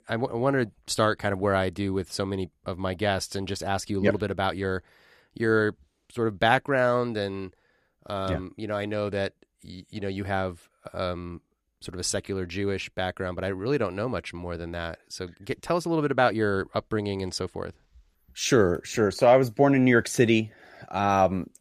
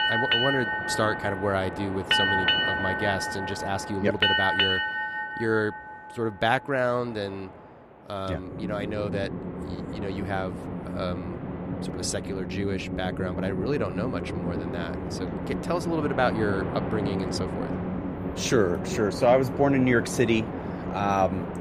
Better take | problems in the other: first | train or aircraft noise; loud; throughout; 1 dB below the speech

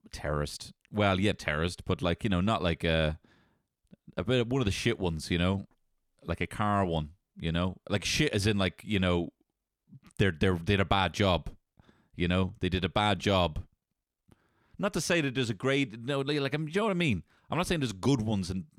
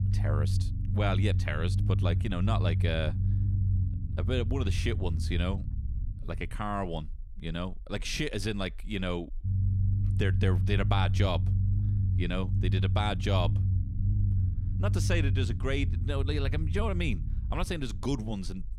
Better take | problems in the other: first | low rumble; loud; throughout; 10 dB below the speech

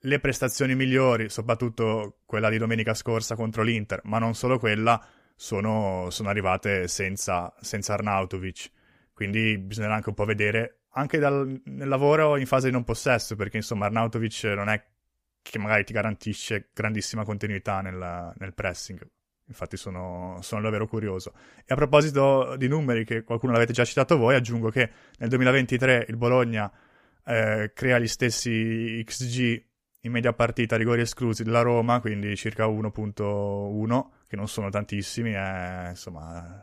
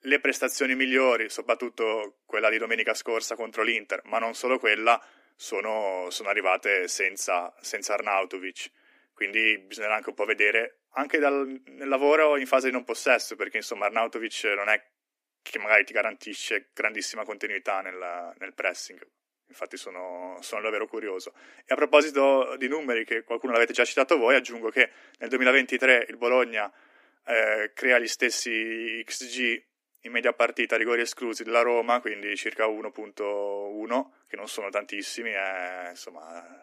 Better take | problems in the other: first | thin; somewhat; fading below 250 Hz

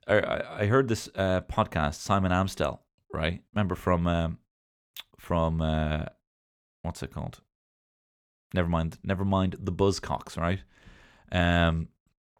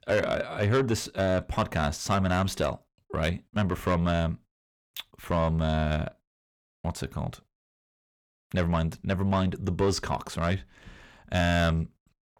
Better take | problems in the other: first | distortion; slight; 10 dB below the speech

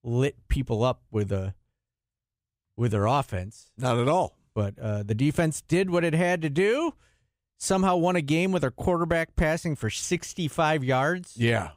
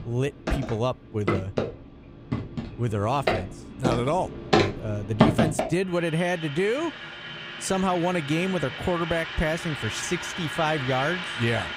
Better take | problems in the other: first | household noises; loud; throughout; 2 dB below the speech

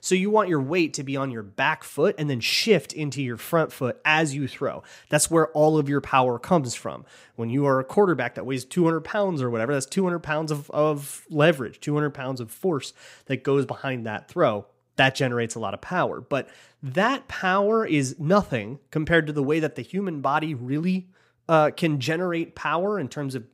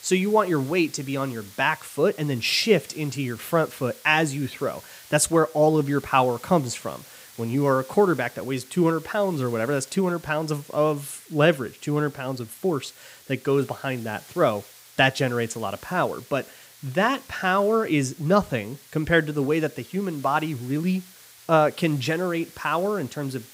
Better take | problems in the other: first | hiss; faint; throughout; 20 dB below the speech

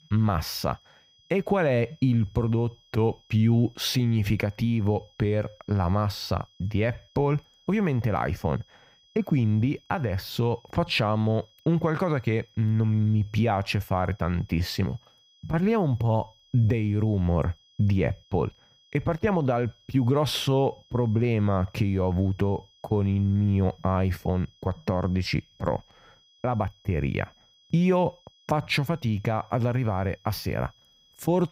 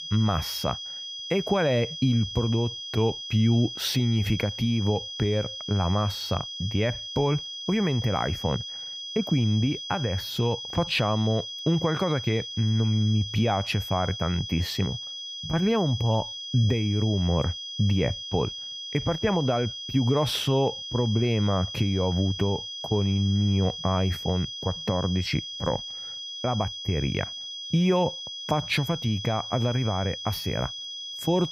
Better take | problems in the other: first | high-pitched whine; loud; throughout; 3.5 kHz, 7 dB below the speech; faint in the first

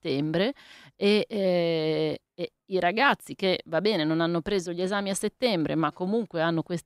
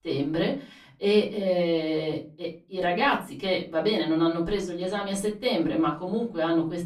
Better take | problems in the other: first | off-mic speech; far // room echo; very slight; dies away in 0.3 s

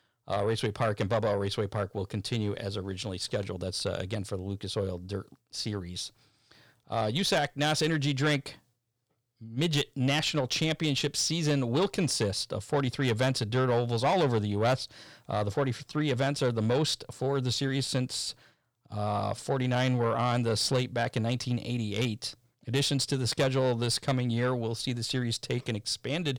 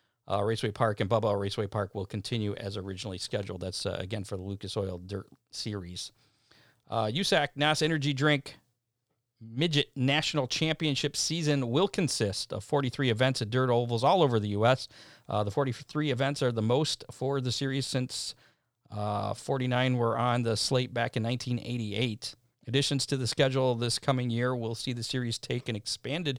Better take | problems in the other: second | distortion; slight; 10 dB below the speech

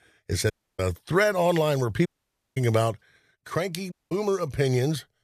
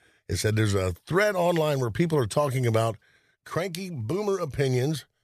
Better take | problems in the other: second | audio cutting out; at 0.5 s, at 2 s for 0.5 s and at 4 s

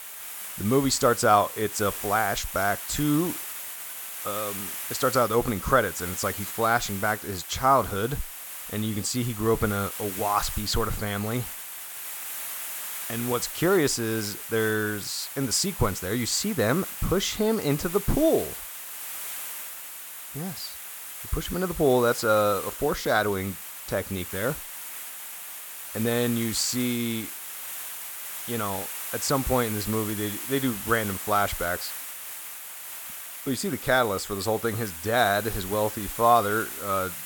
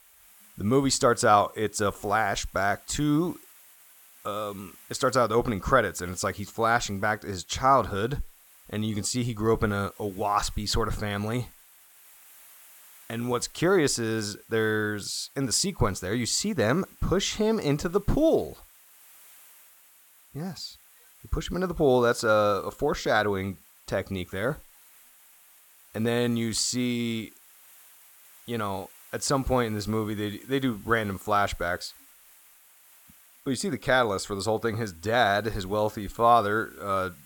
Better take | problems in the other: second | hiss; loud; throughout; 8 dB below the speech; faint in the second

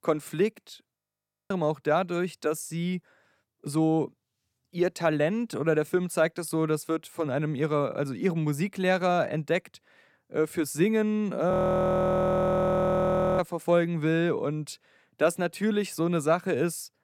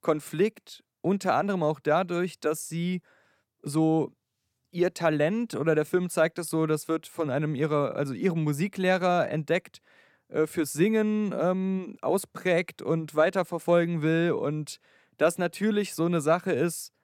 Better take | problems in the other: second | audio freezing; at 1 s for 0.5 s and at 12 s for 2 s

